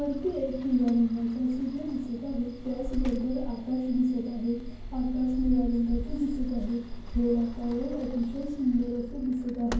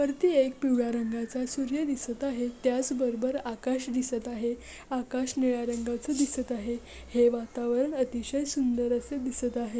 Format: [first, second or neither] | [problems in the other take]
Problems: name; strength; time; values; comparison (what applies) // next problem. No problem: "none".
second | background sound (Sliding door); 8 dB below the speech // room echo; dies away in 0.9 s